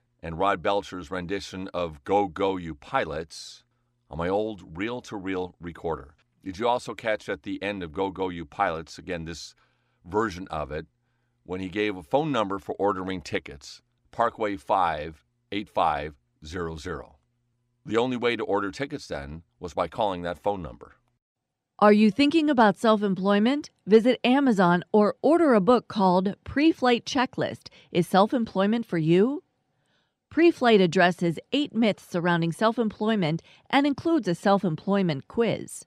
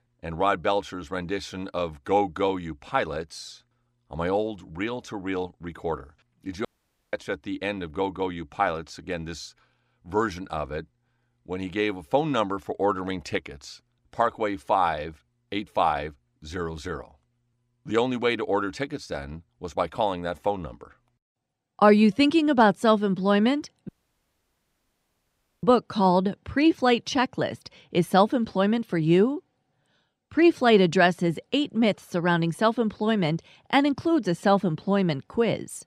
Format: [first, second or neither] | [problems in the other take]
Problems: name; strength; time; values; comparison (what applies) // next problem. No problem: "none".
first | audio cutting out; at 6.5 s and at 24 s for 1.5 s